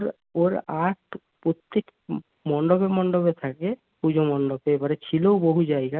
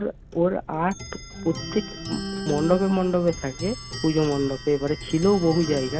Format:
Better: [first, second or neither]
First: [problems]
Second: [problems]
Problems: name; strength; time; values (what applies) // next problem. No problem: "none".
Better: first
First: none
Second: background sound (Organ + Clock); 10 dB below the speech